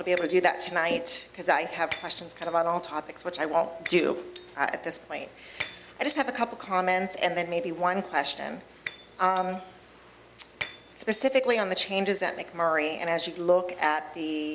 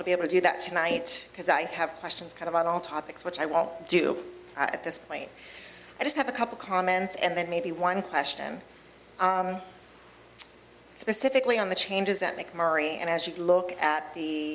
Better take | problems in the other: second | background sound (Shatter); 17 dB below the speech

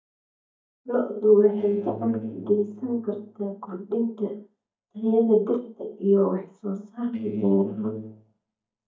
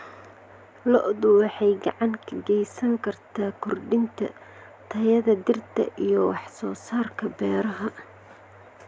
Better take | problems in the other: second | noise reduction (neural mask model DeepFilterNet 3)

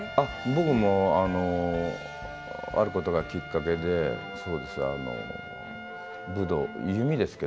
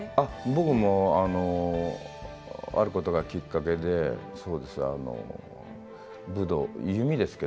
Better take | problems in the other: second | background sound (Trumpet); 13 dB below the speech

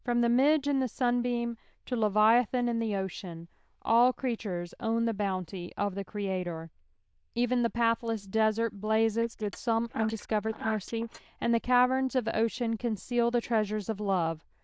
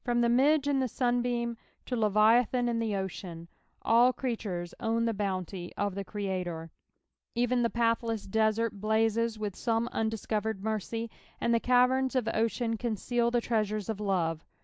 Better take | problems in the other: second | noise reduction (neural diffusion model UNIVERSE++)

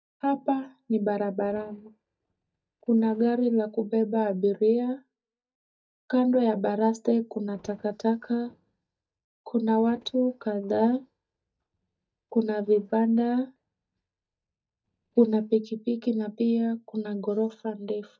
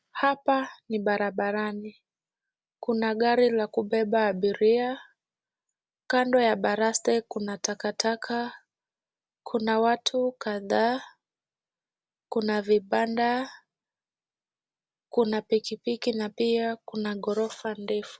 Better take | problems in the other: second | noise reduction (neural mask model DeepFilterNet 3)

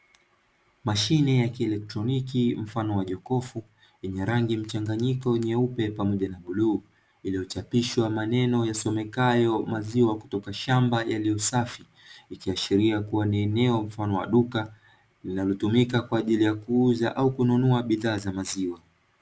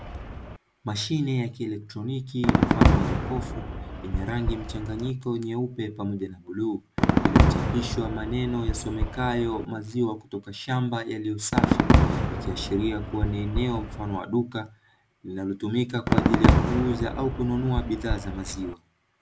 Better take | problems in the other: first | background sound (Fireworks); 3 dB above the speech

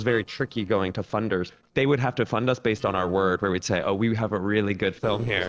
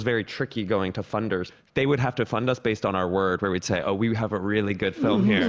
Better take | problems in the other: second | noise reduction (neural separator model SepFormer DNS4)

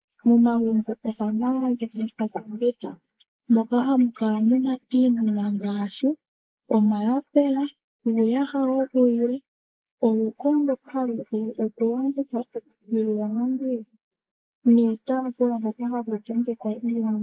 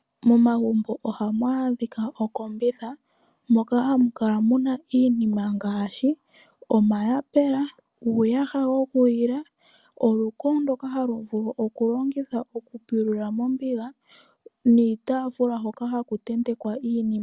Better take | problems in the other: second | noise reduction (neural mask model Resemble Enhance denoiser)

